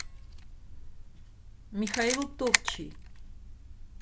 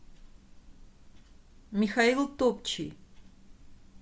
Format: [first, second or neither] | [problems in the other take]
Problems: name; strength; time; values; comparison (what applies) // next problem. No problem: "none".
second | background sound (Camera); as loud as the speech